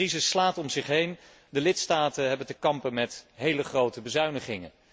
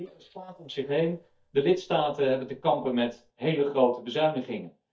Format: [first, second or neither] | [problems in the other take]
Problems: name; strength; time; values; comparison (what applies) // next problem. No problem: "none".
first | noise reduction (neural mask model DeepFilterNet 3)